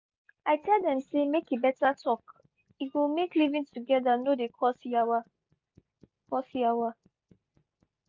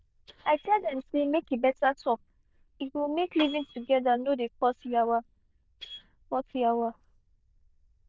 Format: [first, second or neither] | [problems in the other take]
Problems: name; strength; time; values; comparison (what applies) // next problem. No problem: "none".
first | noise reduction (neural diffusion model UNIVERSE++)